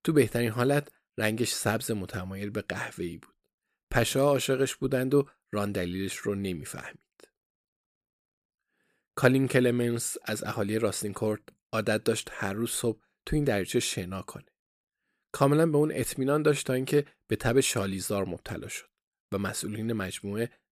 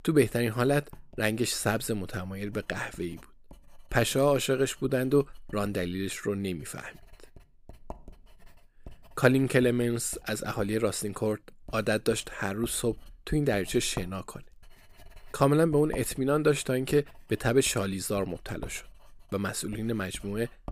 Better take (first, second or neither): first